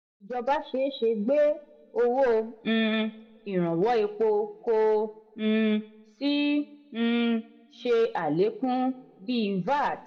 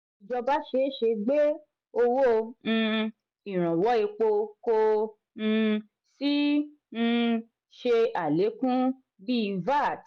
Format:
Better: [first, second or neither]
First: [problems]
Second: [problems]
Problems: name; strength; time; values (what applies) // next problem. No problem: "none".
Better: second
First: room echo; dies away in 1.4 s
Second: none